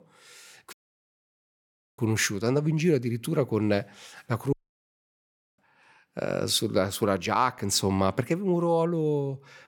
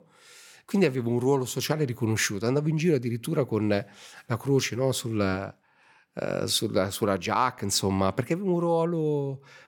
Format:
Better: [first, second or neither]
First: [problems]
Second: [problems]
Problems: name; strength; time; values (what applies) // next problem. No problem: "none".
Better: second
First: audio cutting out; at 0.5 s for 1.5 s and at 4.5 s for 1 s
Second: none